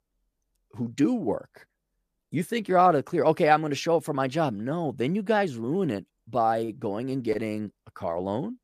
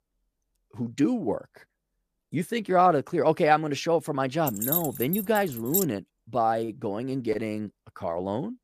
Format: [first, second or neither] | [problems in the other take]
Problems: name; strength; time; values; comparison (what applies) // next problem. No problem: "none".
first | jangling keys; loud; from 4.5 to 6 s; peak level with the speech